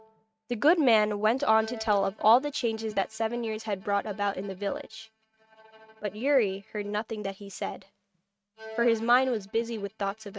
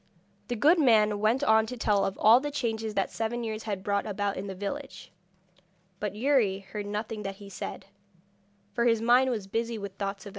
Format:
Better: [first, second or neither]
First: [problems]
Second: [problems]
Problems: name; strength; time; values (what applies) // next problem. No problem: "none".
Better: second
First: noise reduction (neural mask model RNNoise)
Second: none